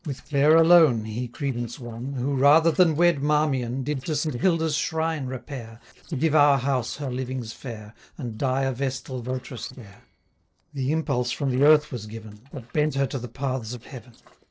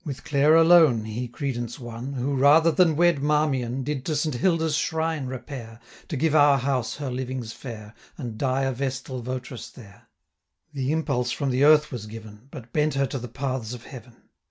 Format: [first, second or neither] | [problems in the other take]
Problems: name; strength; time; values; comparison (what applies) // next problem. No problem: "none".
second | noise reduction (neural separator model SepFormer DNS4)